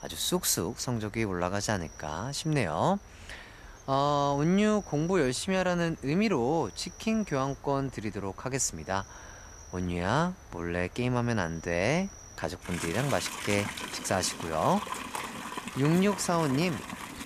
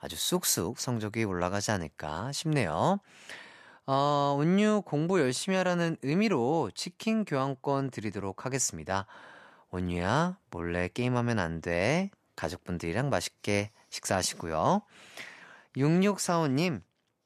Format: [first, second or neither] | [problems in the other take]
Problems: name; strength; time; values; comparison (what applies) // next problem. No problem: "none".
second | animal sounds; noticeable; throughout; 15 dB below the speech